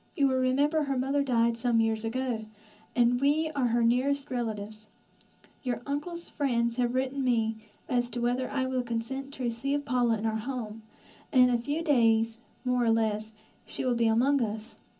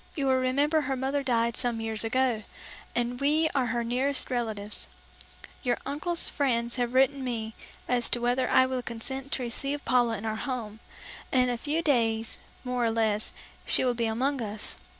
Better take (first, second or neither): second